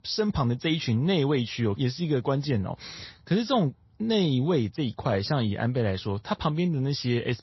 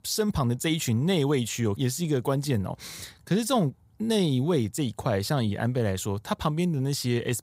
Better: second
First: garbled, watery; slightly; nothing above 5.5 kHz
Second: none

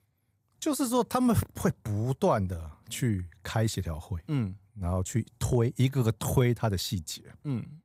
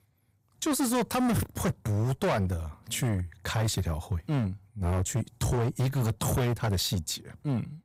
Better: first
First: none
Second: distortion; heavy; 17% of the sound clipped

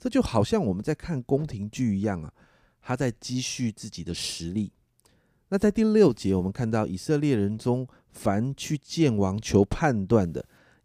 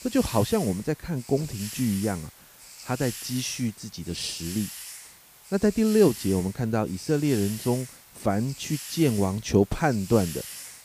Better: first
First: none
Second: hiss; noticeable; throughout; 10 dB below the speech

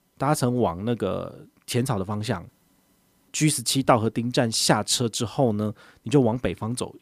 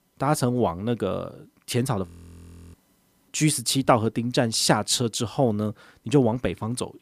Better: first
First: none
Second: audio freezing; at 2 s for 0.5 s

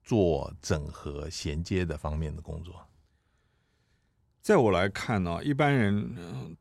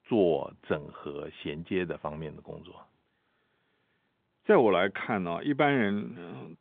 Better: first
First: none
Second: phone-call audio; nothing above 3.5 kHz

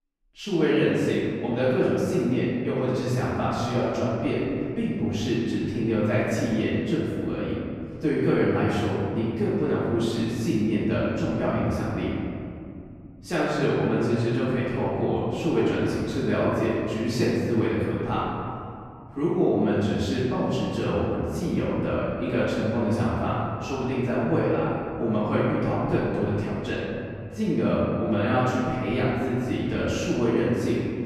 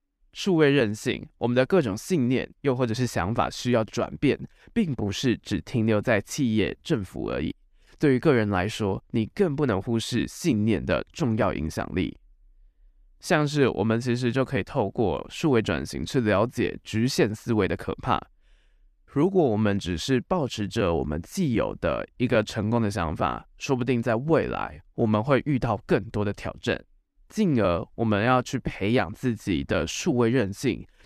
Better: second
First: off-mic speech; far // room echo; strong; dies away in 2.5 s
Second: none

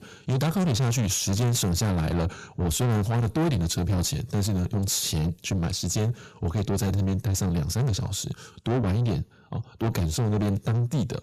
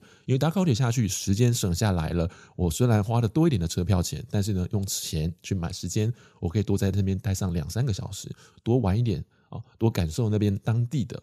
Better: second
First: distortion; heavy; 7 dB below the speech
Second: none

